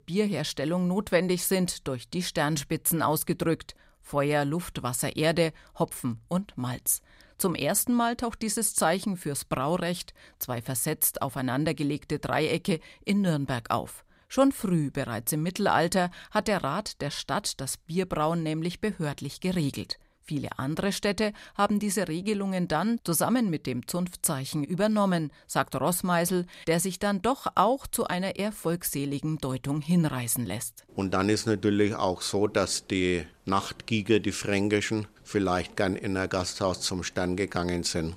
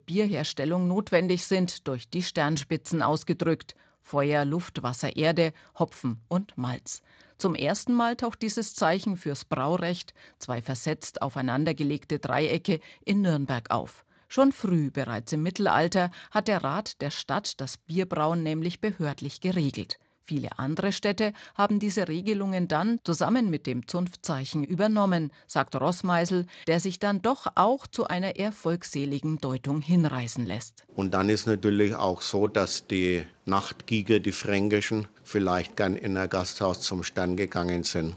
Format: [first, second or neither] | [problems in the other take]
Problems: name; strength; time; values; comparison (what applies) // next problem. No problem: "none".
first | garbled, watery; slightly; nothing above 7.5 kHz